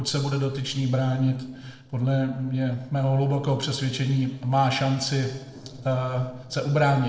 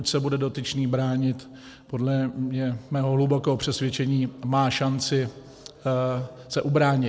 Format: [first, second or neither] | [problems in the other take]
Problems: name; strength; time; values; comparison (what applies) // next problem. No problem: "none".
second | noise reduction (neural separator model SepFormer DNS4)